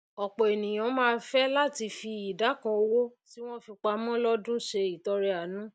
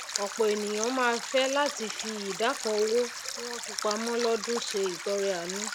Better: first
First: none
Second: background sound (Stream); 7 dB below the speech

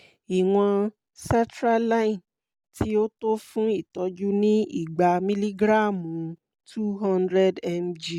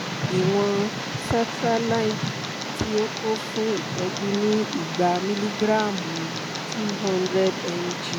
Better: first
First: none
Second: background sound (Tick); 4 dB below the speech

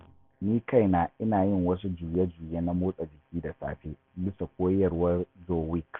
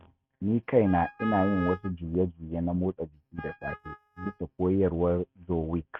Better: first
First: none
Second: noise reduction (neural mask model RNNoise)

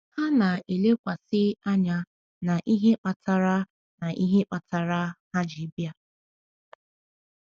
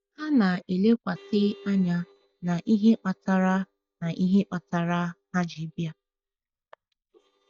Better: first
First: none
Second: noise reduction (neural mask model DeepFilterNet 3)

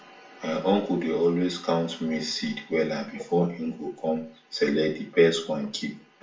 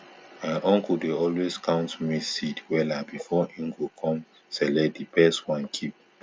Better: second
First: room echo; dies away in 0.4 s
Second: none

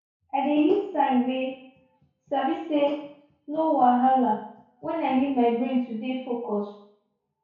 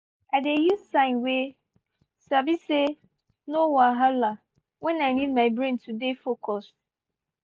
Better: second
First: room echo; dies away in 0.6 s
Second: none

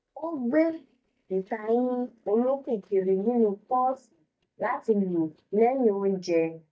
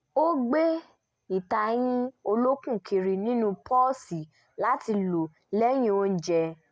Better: second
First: noise reduction (neural mask model DeepFilterNet 3)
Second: none

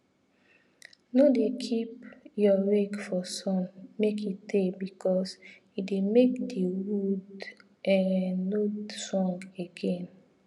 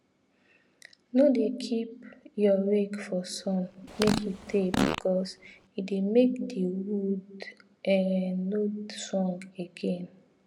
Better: first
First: none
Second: background sound (Fart); 4 dB below the speech

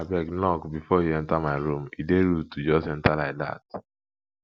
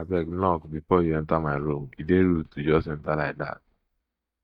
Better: first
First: none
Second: noise reduction (neural mask model DeepFilterNet 3)

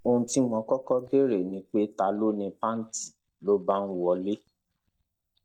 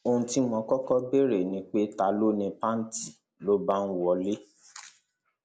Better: second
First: noise reduction (neural mask model DeepFilterNet 3)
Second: none

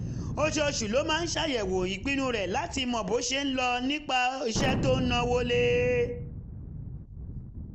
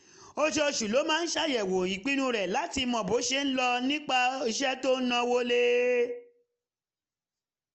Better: second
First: background sound (Thunder); 7 dB below the speech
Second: none

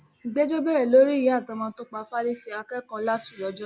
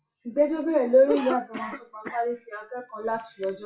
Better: first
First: none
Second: noise reduction (classical method WPE with log-MMSE)

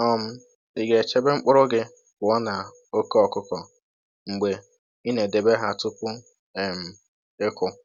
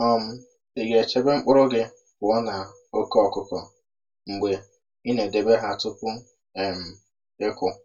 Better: first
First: none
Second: room echo; dies away in 0.1 s

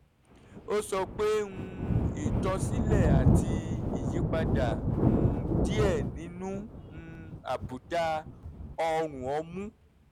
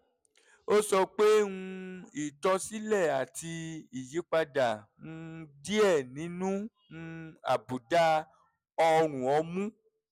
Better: second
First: background sound (Thunder); 4 dB above the speech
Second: none

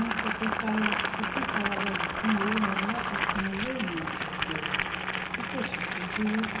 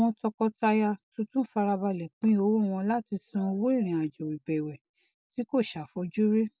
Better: second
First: background sound (Boiling); 2 dB above the speech // room echo; dies away in 0.9 s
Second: none

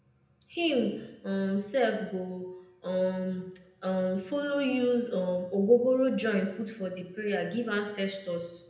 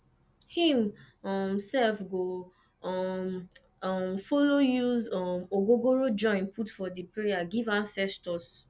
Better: second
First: room echo; dies away in 0.8 s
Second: none

